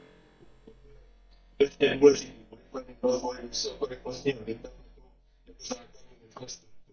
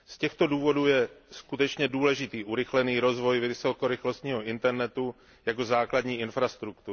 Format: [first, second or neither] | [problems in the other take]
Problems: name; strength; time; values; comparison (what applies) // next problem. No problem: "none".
second | noise reduction (neural mask model DeepFilterNet 3)